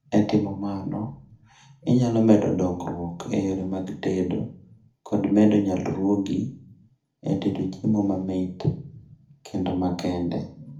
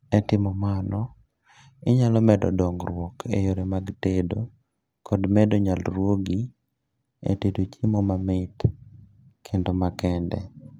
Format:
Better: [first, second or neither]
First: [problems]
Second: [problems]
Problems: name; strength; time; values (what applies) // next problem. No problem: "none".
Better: second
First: room echo; dies away in 0.4 s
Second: none